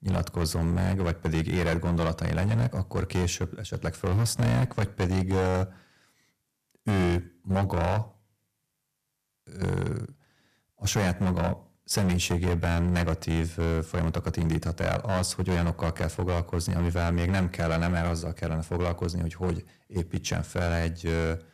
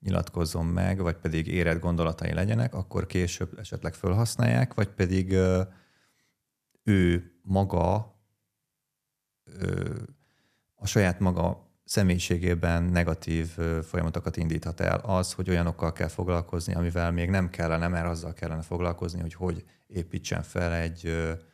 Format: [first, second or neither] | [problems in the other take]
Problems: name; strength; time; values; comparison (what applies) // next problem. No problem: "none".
second | distortion; heavy; 11% of the sound clipped